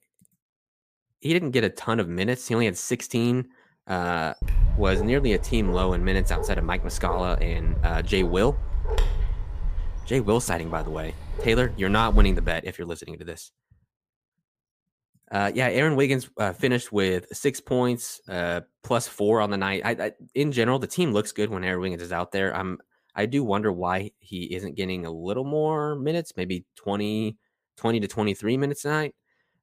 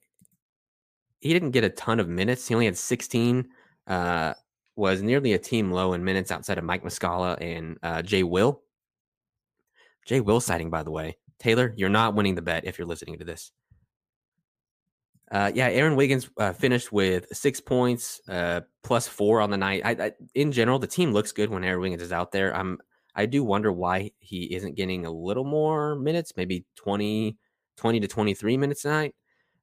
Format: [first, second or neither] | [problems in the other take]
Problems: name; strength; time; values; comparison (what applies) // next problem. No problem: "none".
second | dog barking; loud; from 4.5 to 13 s; peak 1 dB above the speech